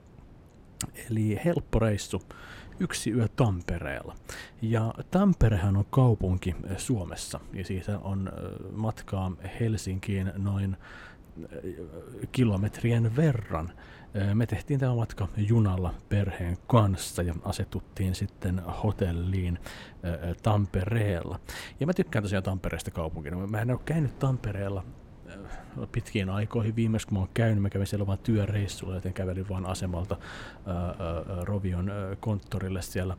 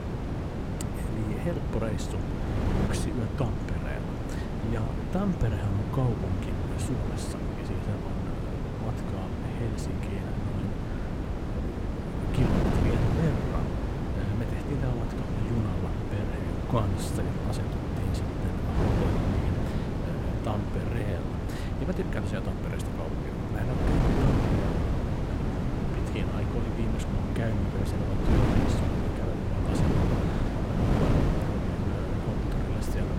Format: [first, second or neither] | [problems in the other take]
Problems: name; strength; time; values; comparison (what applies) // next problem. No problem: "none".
first | wind noise on the microphone; heavy; 4 dB above the speech; occasional gusts in the first